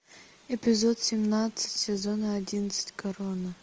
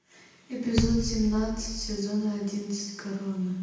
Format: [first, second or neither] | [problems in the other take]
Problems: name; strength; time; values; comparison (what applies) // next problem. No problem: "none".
first | background sound (Bass drum); 4 dB below the speech // room echo; dies away in 0.9 s